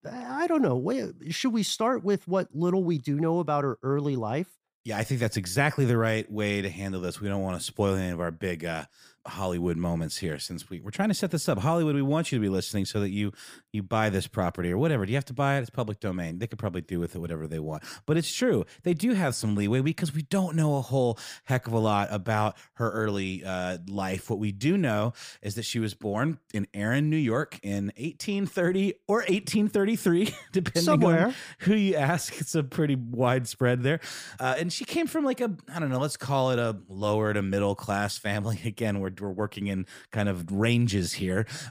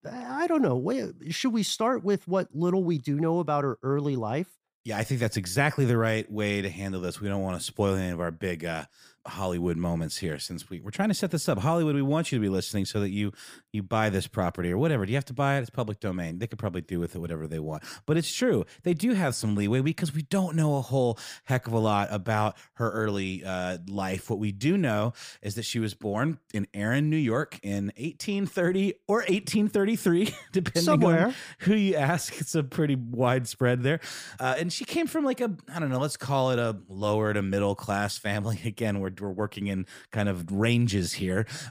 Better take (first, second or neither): neither